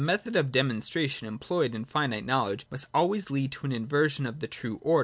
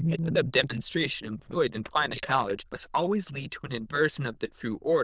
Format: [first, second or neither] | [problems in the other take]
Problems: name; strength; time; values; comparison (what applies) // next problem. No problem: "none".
first | noise reduction (neural diffusion model UNIVERSE++)